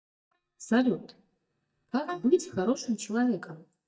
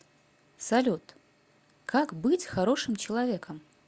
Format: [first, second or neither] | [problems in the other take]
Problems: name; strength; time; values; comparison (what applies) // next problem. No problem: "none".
second | noise reduction (neural mask model DeepFilterNet 3)